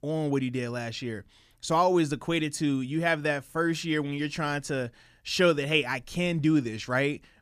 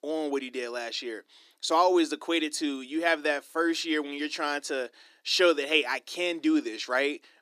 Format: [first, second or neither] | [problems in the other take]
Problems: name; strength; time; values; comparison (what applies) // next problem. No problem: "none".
first | thin; somewhat; fading below 300 Hz